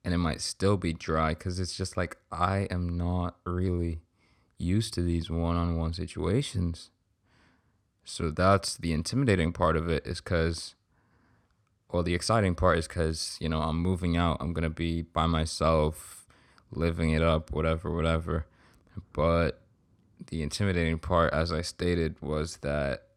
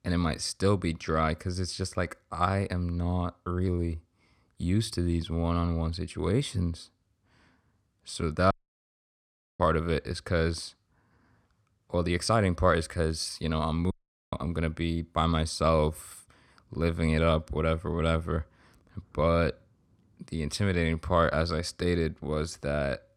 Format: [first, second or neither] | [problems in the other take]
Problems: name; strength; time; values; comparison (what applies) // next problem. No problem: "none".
first | audio cutting out; at 8.5 s for 1 s and at 14 s